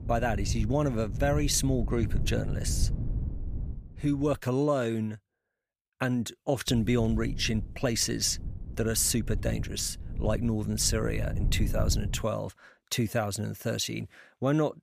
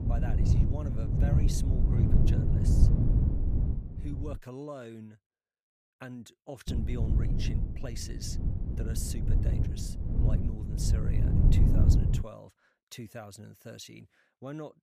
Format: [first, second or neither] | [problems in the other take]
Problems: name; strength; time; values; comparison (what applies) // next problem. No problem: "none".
first | wind noise on the microphone; heavy; until 4.5 s and from 6.5 to 12 s; 3 dB above the speech; occasional gusts in the first